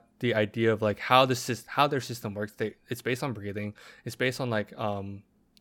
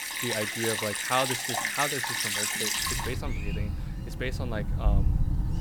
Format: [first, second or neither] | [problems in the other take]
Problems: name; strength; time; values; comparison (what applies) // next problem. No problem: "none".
first | rain or running water; very loud; throughout; 5 dB above the speech